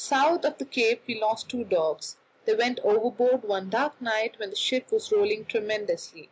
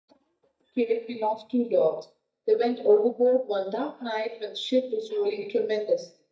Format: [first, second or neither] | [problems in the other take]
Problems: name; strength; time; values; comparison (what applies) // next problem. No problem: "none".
first | noise reduction (neural mask model DeepFilterNet 3)